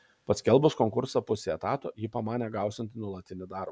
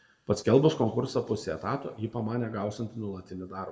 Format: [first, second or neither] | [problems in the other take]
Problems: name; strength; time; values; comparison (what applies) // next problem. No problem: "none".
first | room echo; dies away in 1.3 s